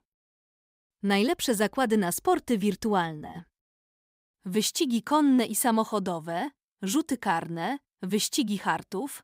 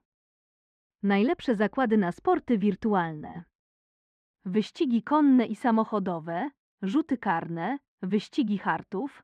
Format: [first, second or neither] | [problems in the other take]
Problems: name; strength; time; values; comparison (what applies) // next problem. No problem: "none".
first | muffled; very; fading above 2 kHz